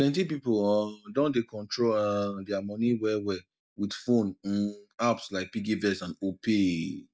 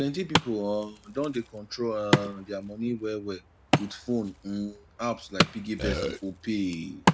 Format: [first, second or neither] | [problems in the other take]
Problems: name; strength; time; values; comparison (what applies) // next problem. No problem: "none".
first | background sound (Wood + Burping, eructation); 1 dB above the speech